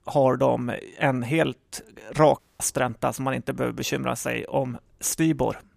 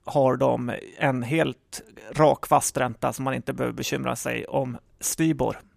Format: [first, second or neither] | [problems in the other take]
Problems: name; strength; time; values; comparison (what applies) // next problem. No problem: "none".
second | audio cutting out; at 2.5 s